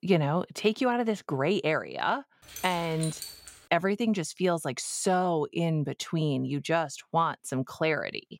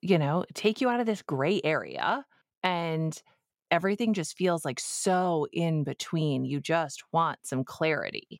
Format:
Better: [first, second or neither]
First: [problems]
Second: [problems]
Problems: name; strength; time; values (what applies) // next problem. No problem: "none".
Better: second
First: jangling keys; noticeable; from 2.5 to 3.5 s; peak 9 dB below the speech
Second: none